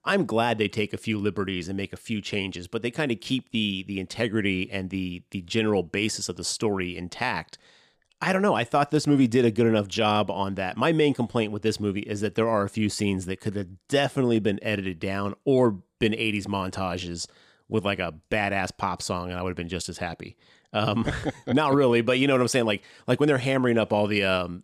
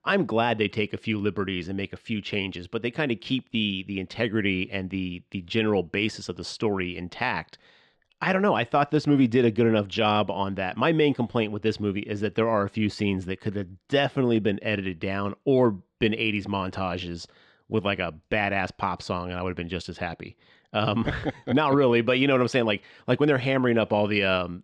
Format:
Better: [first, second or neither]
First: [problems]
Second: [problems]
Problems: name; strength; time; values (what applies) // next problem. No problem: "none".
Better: first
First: none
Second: muffled; very slightly; fading above 3 kHz